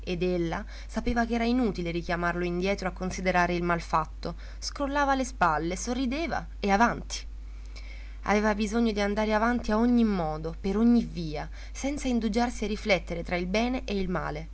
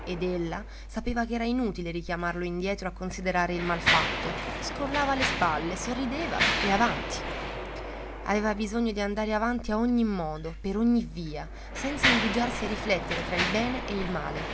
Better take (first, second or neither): first